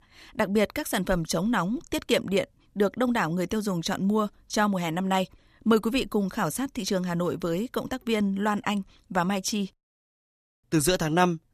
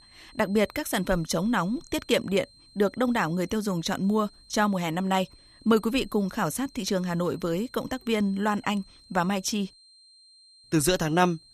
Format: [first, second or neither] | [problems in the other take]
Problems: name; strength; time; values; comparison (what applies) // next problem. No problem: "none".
first | high-pitched whine; faint; throughout; 4 kHz, 25 dB below the speech